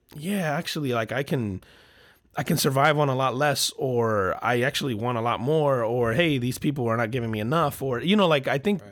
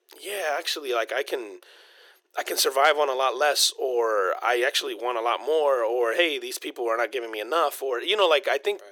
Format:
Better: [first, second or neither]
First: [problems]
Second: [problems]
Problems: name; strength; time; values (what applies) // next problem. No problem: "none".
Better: first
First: none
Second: thin; very; fading below 350 Hz